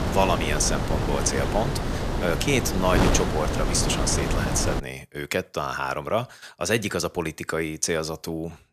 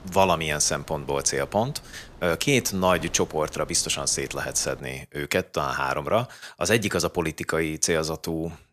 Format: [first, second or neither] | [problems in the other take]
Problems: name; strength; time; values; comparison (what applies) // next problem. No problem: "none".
second | wind noise on the microphone; heavy; until 5 s; 3 dB below the speech; occasional gusts in the second